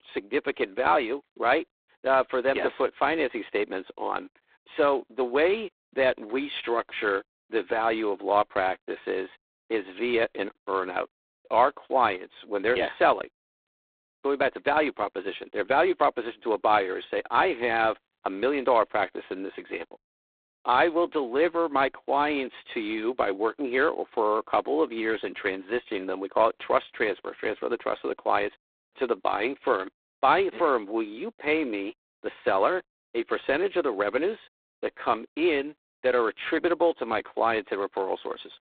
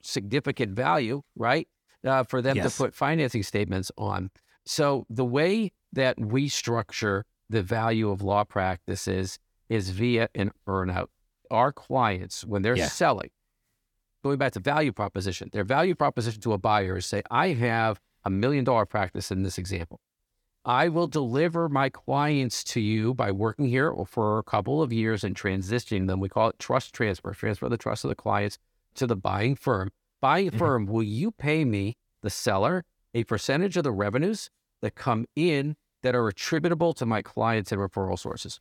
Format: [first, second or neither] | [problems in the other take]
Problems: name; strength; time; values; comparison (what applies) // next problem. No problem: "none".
second | phone-call audio; poor line; nothing above 4 kHz